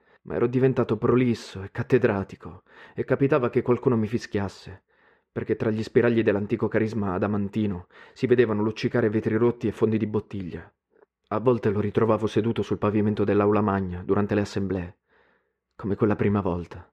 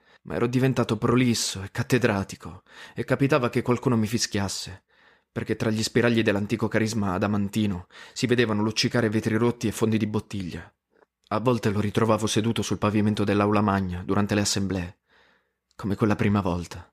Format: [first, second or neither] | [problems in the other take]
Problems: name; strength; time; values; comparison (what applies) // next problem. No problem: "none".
second | muffled; slightly; fading above 4 kHz